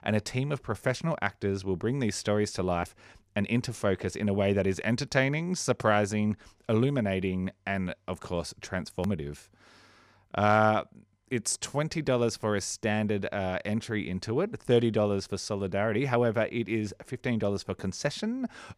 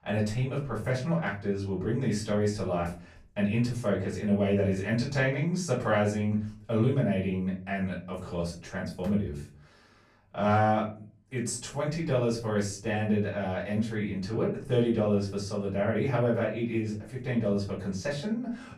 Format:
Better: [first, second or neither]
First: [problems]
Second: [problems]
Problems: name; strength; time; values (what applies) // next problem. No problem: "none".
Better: first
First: none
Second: room echo; slight; dies away in 0.3 s // off-mic speech; far